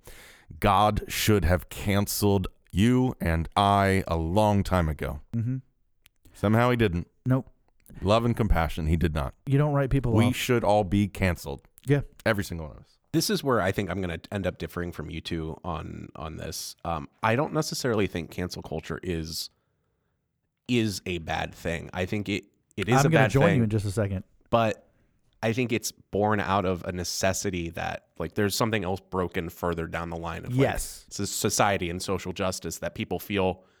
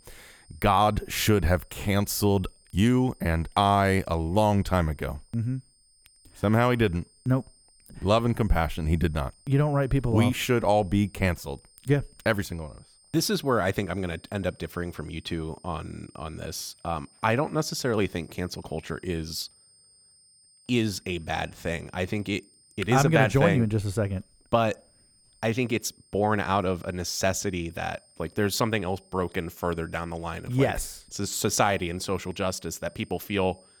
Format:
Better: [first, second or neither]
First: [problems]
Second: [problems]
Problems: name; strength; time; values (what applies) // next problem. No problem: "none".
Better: first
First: none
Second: high-pitched whine; faint; throughout; 8.5 kHz, 30 dB below the speech